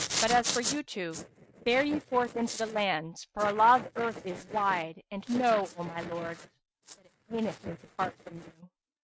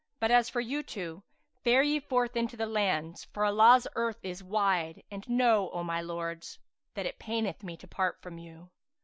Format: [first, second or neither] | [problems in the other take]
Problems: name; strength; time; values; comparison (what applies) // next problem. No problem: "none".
second | noise reduction (neural mask model RNNoise)